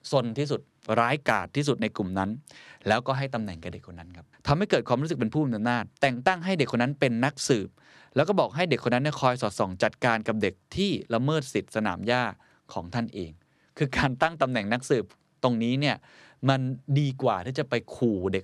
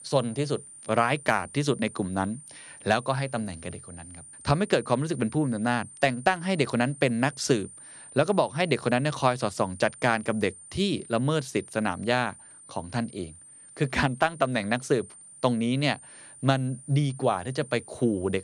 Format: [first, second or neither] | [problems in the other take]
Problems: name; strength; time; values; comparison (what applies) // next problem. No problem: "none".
first | high-pitched whine; noticeable; throughout; 9 kHz, 20 dB below the speech